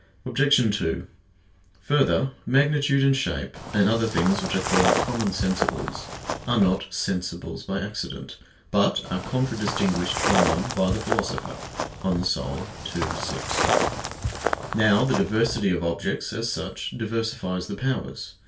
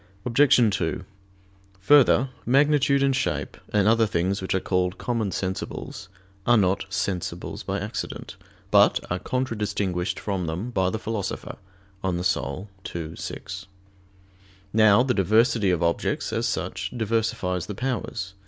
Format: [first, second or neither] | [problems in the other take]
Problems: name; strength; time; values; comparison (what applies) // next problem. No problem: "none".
second | background sound (Walk, footsteps); 2 dB below the speech // room echo; dies away in 0.2 s